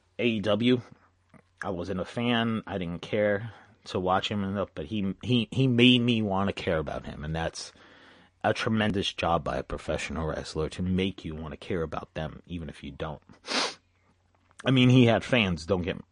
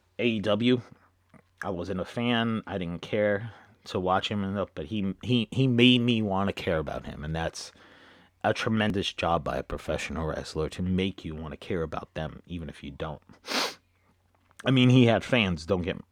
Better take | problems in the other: second | garbled, watery; slightly; nothing above 9 kHz

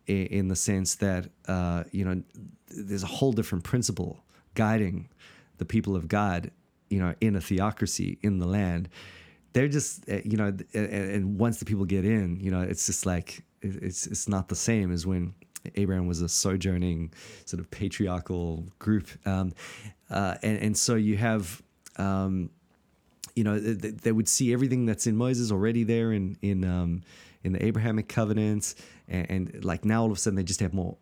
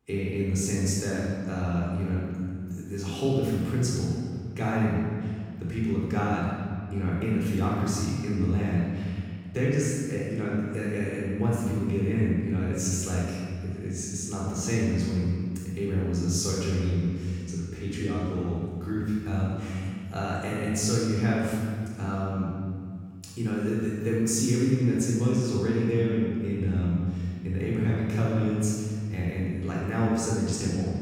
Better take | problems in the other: first | room echo; strong; dies away in 1.8 s // off-mic speech; far

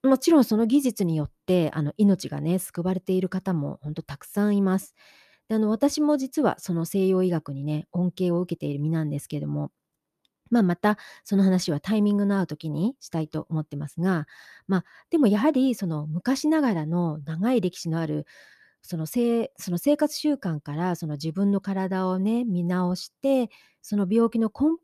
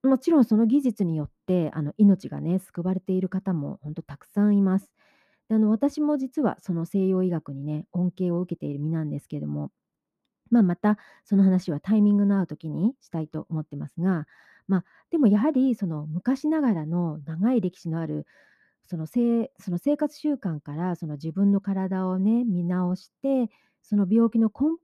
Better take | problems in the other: first | muffled; slightly; fading above 2.5 kHz

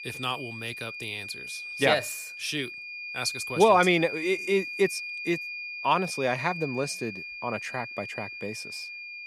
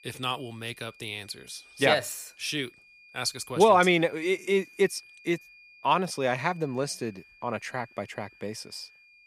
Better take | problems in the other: second | high-pitched whine; loud; throughout; 2.5 kHz, 7 dB below the speech; faint in the second

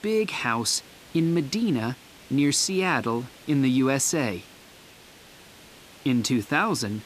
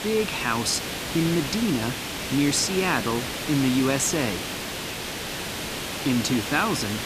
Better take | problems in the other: first | hiss; loud; throughout; 5 dB below the speech; faint in the first

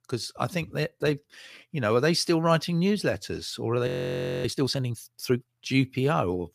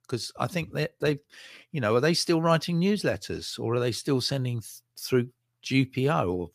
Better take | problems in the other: second | audio freezing; at 4 s for 0.5 s

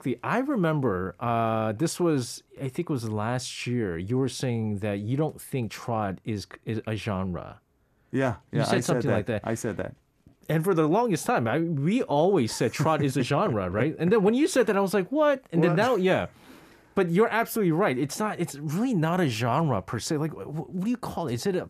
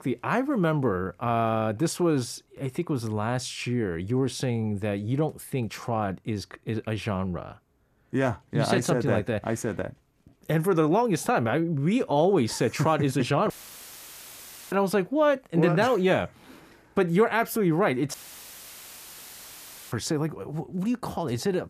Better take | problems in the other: first | audio cutting out; filled with static; at 14 s for 1 s and at 18 s for 2 s

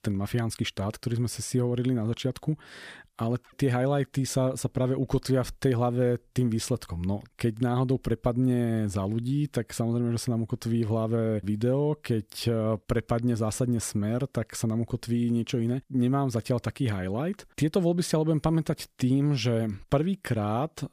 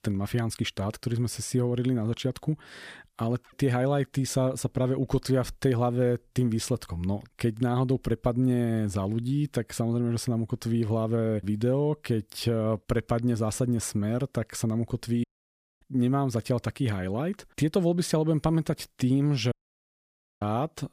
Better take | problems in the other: first | audio cutting out; at 15 s for 0.5 s and at 20 s for 1 s

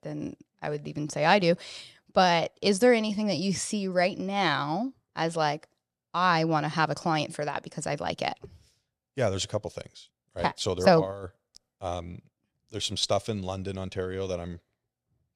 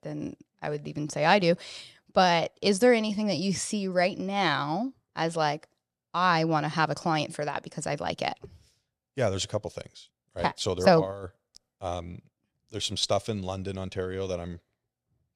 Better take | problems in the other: neither | none

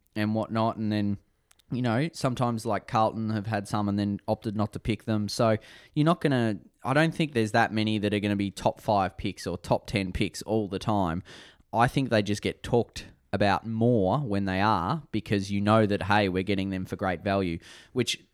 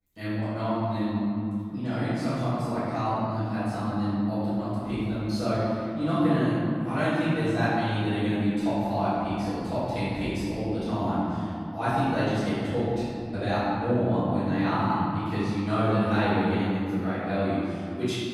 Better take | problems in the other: first | room echo; strong; dies away in 2.6 s // off-mic speech; far

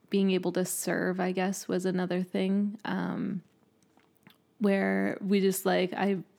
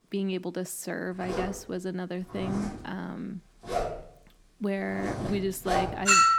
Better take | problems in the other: first | household noises; very loud; throughout; 5 dB above the speech

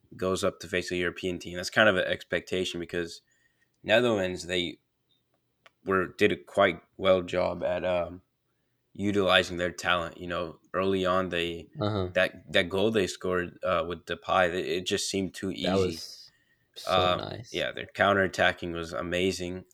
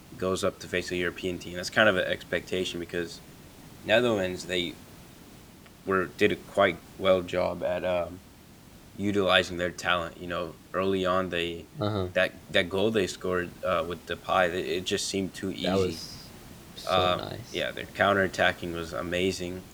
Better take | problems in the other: first | hiss; faint; throughout; 20 dB below the speech

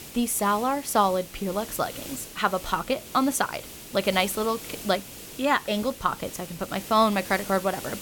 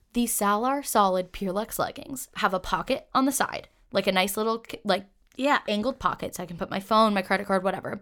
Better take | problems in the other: second | hiss; noticeable; throughout; 15 dB below the speech

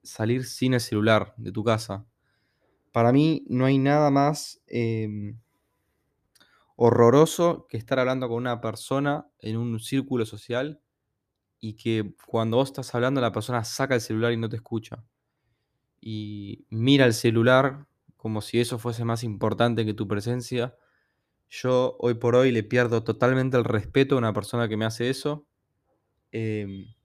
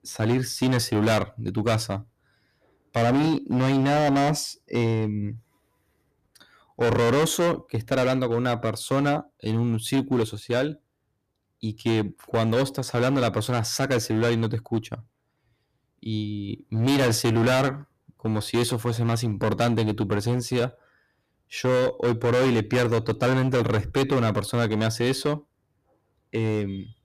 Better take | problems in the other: first | distortion; heavy; 14% of the sound clipped

